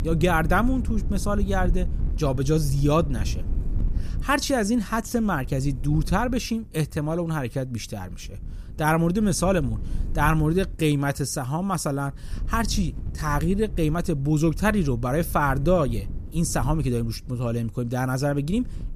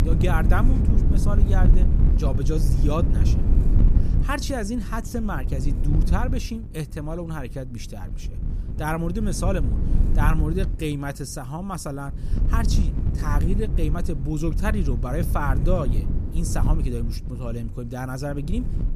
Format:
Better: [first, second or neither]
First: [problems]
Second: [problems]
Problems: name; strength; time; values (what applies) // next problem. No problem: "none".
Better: first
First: wind noise on the microphone; occasional gusts; 20 dB below the speech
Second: wind noise on the microphone; heavy; 7 dB below the speech